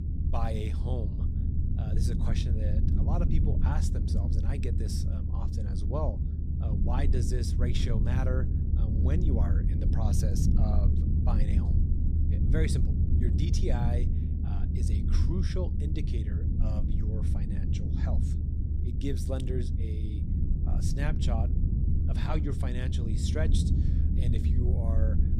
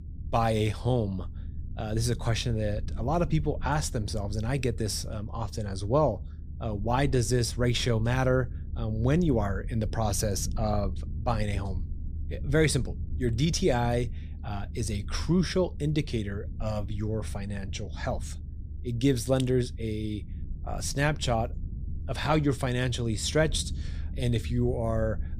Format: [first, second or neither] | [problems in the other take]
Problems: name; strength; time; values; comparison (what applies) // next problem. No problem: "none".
second | low rumble; loud; throughout; 2 dB below the speech; faint in the second